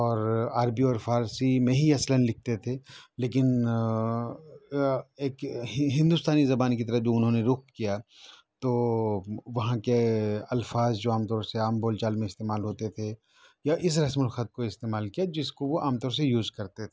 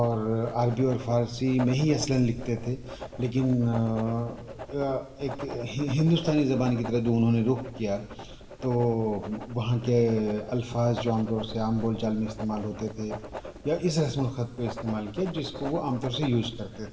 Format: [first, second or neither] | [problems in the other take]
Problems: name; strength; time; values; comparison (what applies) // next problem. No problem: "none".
first | background sound (Writing); 13 dB below the speech // room echo; dies away in 1.6 s